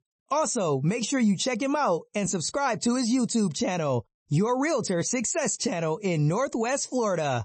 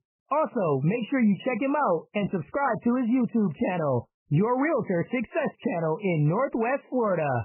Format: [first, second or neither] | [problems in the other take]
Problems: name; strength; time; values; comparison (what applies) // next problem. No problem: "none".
first | garbled, watery; badly; nothing above 3 kHz; slightly in the first